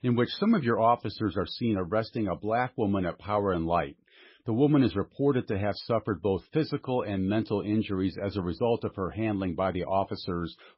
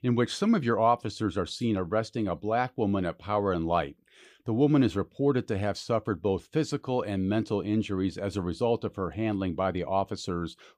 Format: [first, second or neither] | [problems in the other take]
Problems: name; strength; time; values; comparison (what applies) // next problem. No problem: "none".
second | garbled, watery; badly; nothing above 5.5 kHz